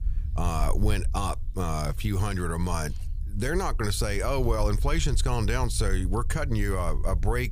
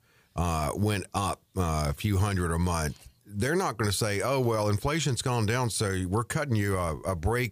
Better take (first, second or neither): second